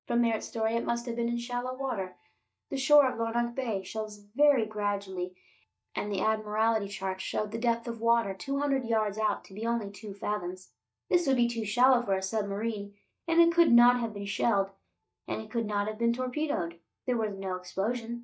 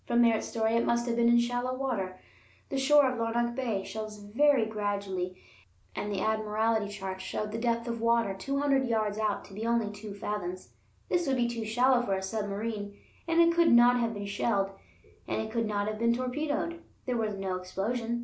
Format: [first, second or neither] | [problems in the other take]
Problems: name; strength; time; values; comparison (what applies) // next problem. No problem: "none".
second | noise reduction (neural mask model DeepFilterNet 3)